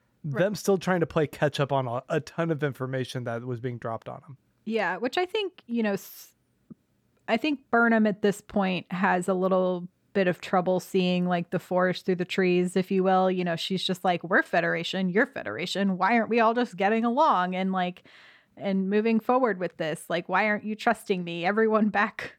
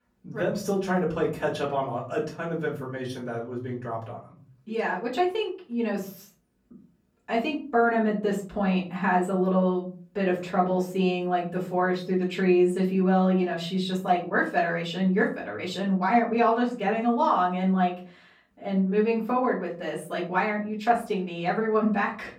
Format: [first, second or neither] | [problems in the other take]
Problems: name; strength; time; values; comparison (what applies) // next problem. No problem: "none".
first | off-mic speech; far // room echo; slight; dies away in 0.4 s